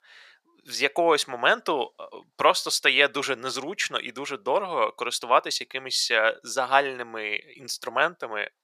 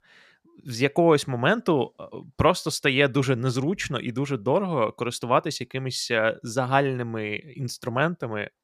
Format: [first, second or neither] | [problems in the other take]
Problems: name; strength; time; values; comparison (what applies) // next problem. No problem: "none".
second | thin; very; fading below 600 Hz